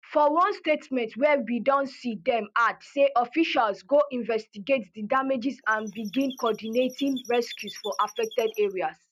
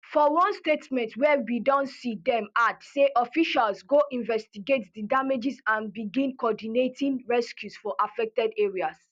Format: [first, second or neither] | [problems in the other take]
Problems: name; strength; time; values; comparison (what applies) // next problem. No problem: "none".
second | noise reduction (neural mask model RNNoise)